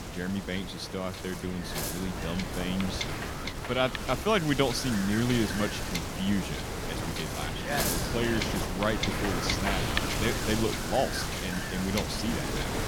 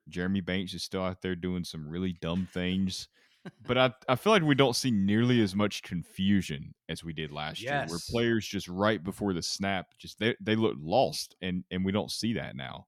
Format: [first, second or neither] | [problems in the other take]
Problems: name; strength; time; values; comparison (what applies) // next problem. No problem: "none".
second | wind noise on the microphone; heavy; 1 dB below the speech